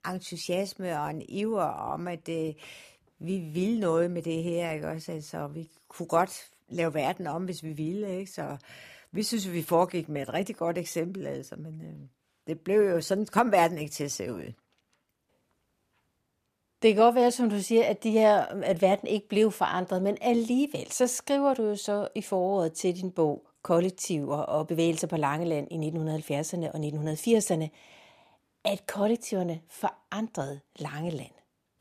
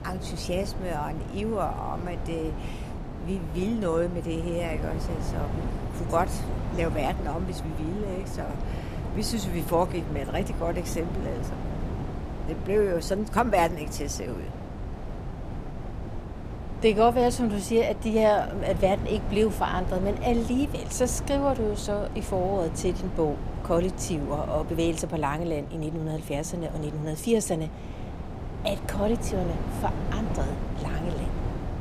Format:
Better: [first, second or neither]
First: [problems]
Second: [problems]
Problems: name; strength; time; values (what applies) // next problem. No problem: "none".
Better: first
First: none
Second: wind noise on the microphone; occasional gusts; 10 dB below the speech